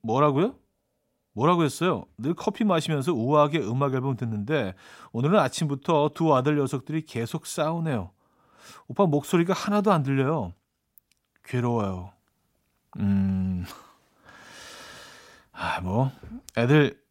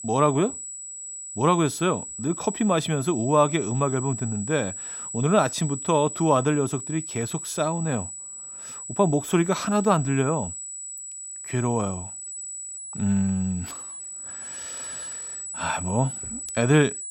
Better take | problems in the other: first | high-pitched whine; loud; throughout; 8 kHz, 9 dB below the speech

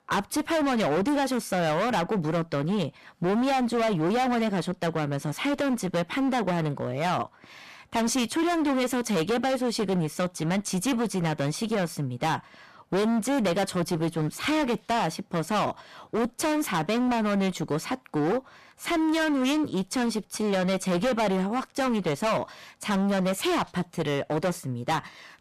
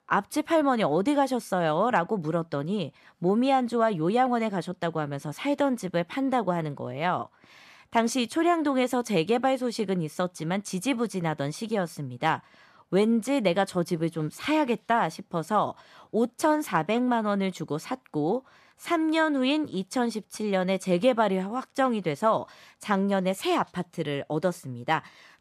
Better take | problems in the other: second | distortion; heavy; 23% of the sound clipped

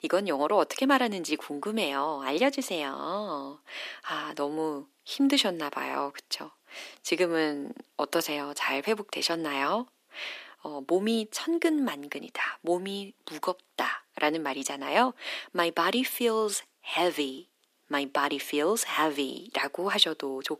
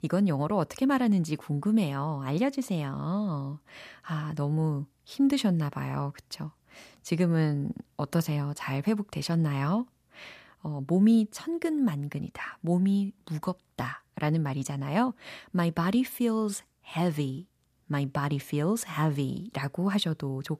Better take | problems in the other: second | thin; somewhat; fading below 300 Hz

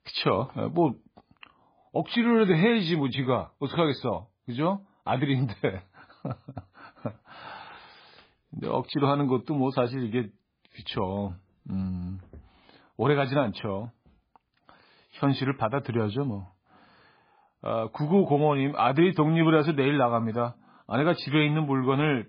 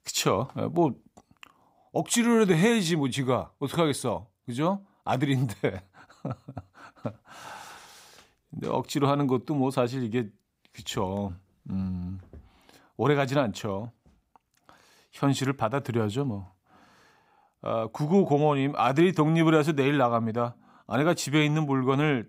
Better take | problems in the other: second | garbled, watery; badly; nothing above 4 kHz

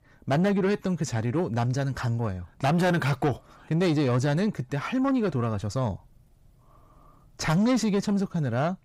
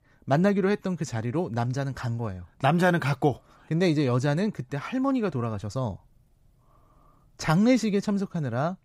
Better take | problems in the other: second | distortion; slight; 10 dB below the speech

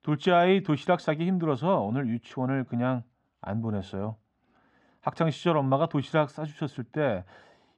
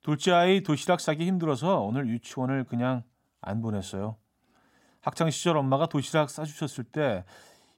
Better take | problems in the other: second | muffled; slightly; fading above 3 kHz

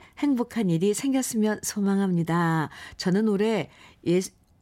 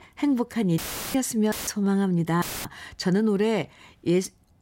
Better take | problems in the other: first | audio cutting out; filled with static; at 1 s, at 1.5 s and at 2.5 s

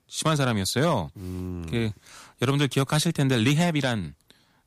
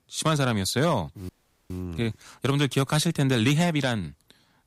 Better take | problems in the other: first | audio freezing; at 1.5 s

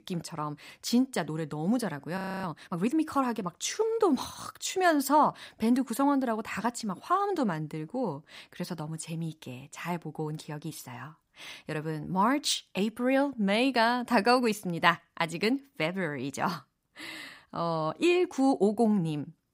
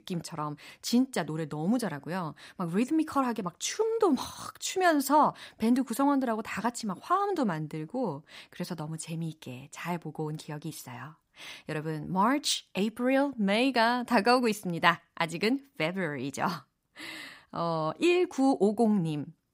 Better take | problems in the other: second | audio freezing; at 2 s

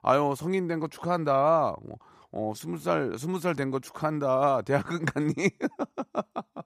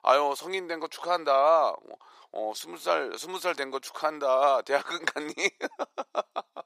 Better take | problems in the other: first | thin; very; fading below 450 Hz

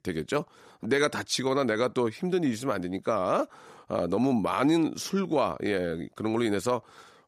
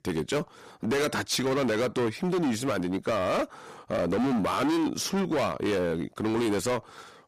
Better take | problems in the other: first | distortion; heavy; 23% of the sound clipped

